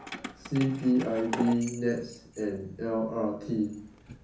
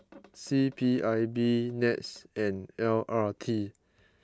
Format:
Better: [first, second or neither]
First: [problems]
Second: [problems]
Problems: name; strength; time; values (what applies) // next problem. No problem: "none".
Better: second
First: background sound (Keys jangling); 12 dB below the speech // room echo; dies away in 0.6 s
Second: none